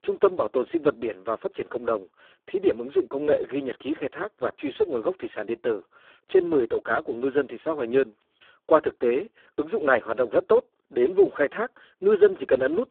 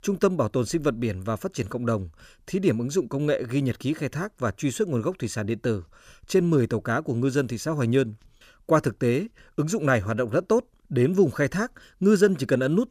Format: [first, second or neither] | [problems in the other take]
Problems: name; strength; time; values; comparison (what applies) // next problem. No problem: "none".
second | phone-call audio; poor line; nothing above 3.5 kHz